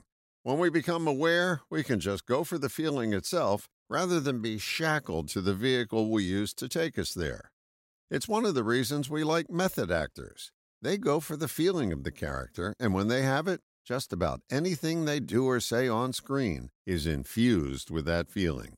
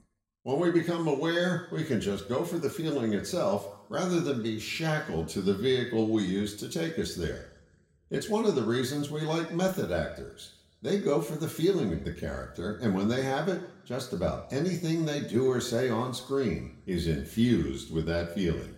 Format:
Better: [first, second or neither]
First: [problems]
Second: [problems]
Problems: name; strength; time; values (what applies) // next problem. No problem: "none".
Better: first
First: none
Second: room echo; slight; dies away in 0.7 s // off-mic speech; somewhat distant